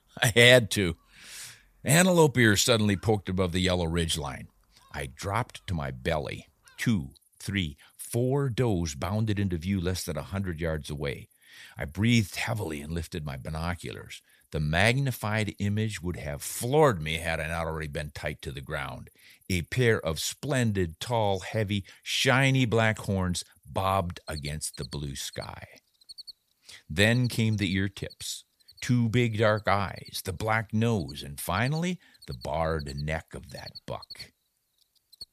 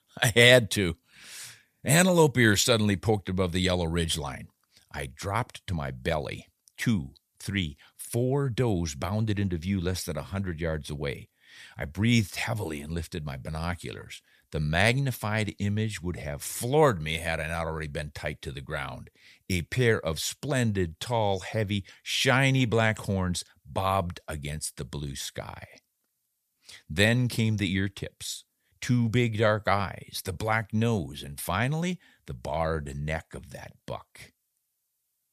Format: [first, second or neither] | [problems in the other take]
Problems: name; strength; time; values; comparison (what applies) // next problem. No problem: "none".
second | animal sounds; faint; throughout; 25 dB below the speech